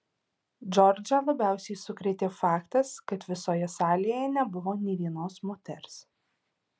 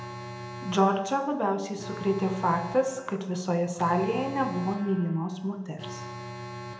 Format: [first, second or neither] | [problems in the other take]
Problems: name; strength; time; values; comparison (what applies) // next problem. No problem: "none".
first | background sound (Alarm); 12 dB below the speech // room echo; dies away in 0.8 s